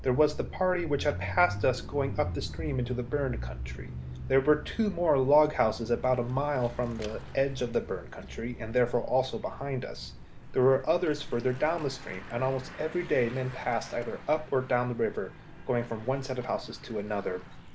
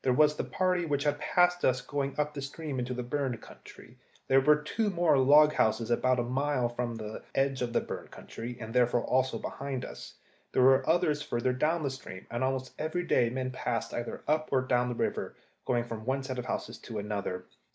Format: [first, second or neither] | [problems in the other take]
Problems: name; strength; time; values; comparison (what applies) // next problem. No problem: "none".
second | background sound (Mechanisms / Bicycle); 11 dB below the speech